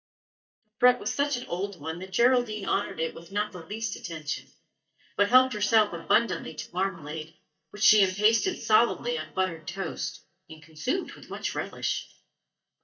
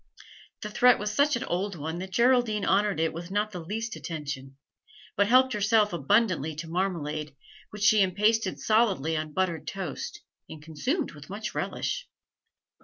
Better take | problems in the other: second | noise reduction (neural mask model DeepFilterNet 3)

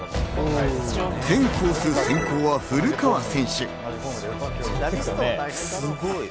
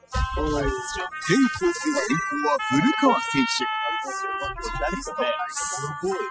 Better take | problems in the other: first | noise reduction (classical method spectral subtraction)

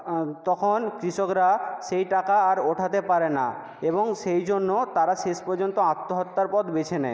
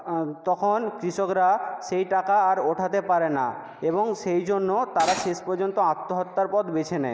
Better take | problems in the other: first | background sound (Cutlery, silverware); 6 dB below the speech

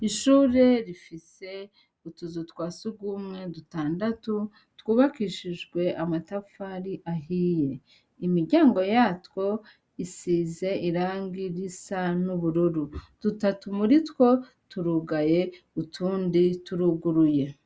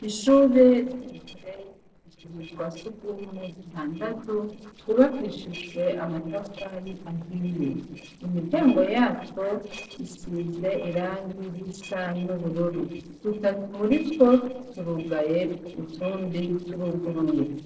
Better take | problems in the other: first | noise reduction (neural separator model SepFormer DNS4)

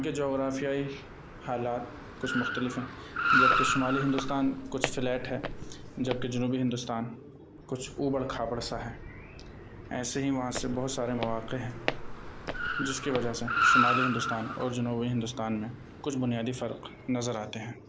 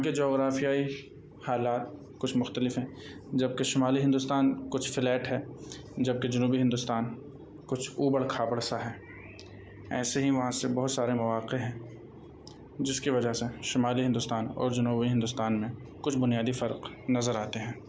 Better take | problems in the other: second | background sound (Walk, footsteps + Car); 1 dB below the speech

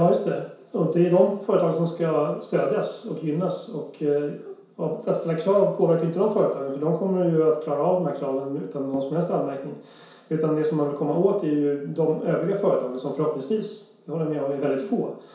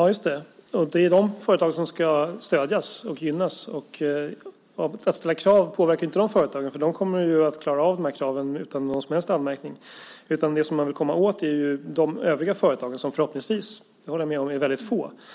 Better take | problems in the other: second | room echo; dies away in 0.6 s

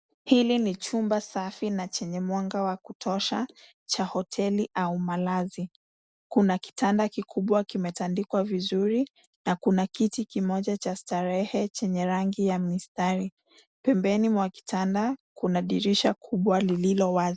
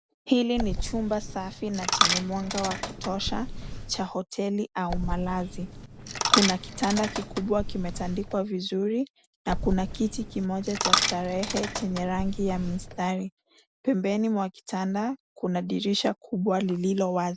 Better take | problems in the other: first | background sound (Coin (dropping)); 2 dB below the speech

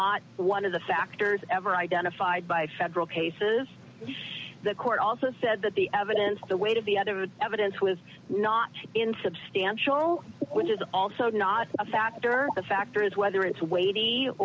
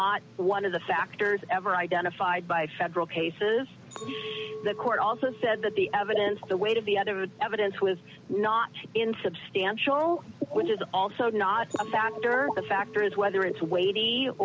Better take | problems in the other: first | background sound (Chink, clink); 18 dB below the speech

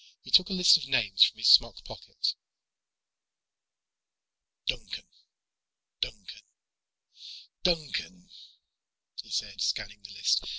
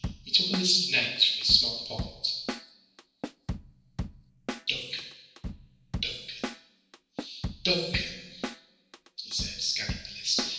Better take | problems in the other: first | background sound (Drum / Drum kit); 8 dB below the speech // room echo; dies away in 0.9 s

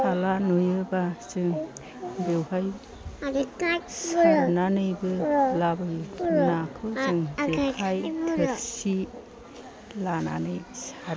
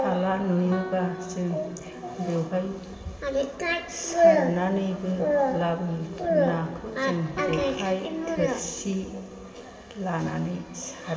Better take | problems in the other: first | background sound (Guitar); 15 dB below the speech // room echo; dies away in 2.5 s

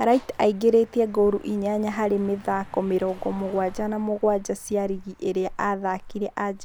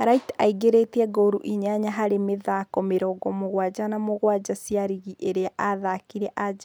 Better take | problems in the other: second | background sound (Car passing by); 19 dB below the speech

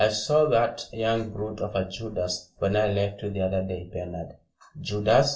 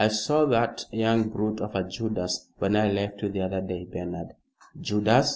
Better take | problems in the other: second | room echo; dies away in 0.2 s

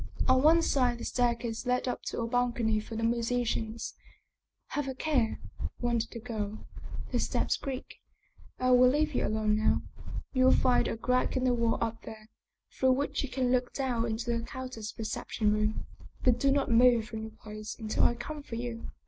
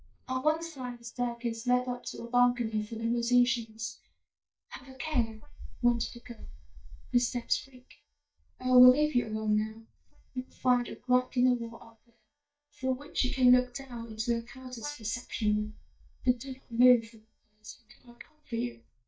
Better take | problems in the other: first | noise reduction (neural mask model DeepFilterNet 3)

